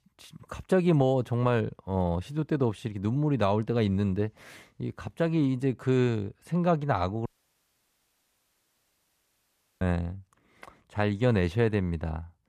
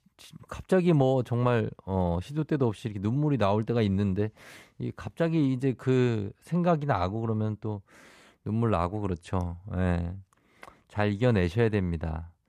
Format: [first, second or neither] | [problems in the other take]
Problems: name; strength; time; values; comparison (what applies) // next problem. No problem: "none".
second | audio cutting out; at 7.5 s for 2.5 s